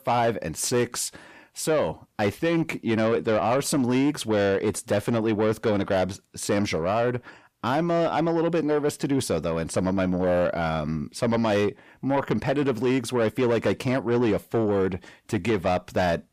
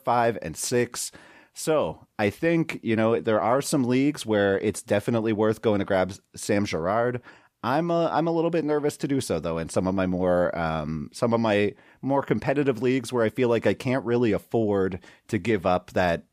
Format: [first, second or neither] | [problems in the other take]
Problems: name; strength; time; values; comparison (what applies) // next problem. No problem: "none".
second | distortion; slight; 10 dB below the speech